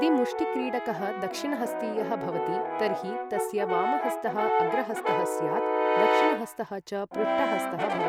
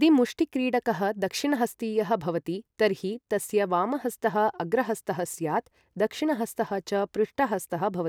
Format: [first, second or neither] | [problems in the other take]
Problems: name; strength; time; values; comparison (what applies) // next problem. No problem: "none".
second | background sound (Brass instrument); 3 dB above the speech